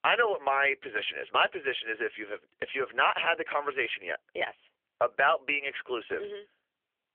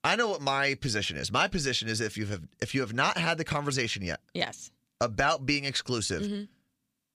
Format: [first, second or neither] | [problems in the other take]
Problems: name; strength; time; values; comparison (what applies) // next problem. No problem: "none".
second | phone-call audio; nothing above 3 kHz